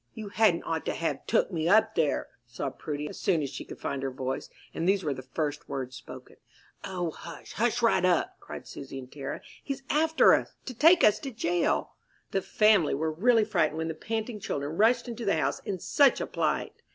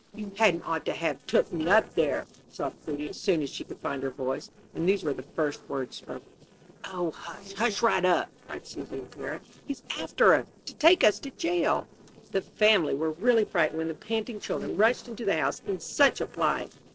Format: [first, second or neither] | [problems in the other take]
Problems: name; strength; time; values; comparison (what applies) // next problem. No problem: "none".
first | noise reduction (neural separator model SepFormer DNS4)